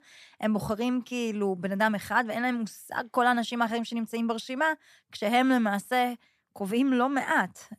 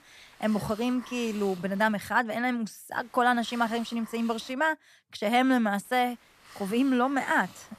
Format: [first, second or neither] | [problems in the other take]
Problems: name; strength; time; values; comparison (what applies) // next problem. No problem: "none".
first | hiss; faint; until 2 s, from 3 to 4.5 s and from 6 s on; 20 dB below the speech